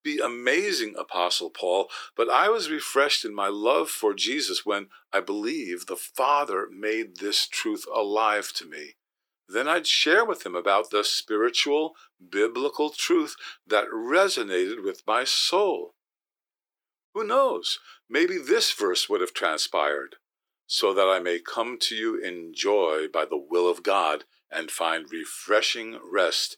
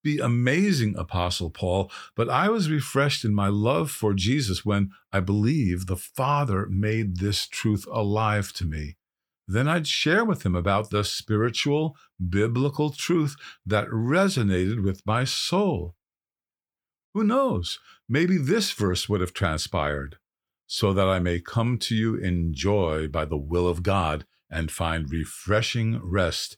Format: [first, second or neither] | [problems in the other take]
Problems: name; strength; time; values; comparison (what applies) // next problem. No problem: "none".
second | thin; very; fading below 350 Hz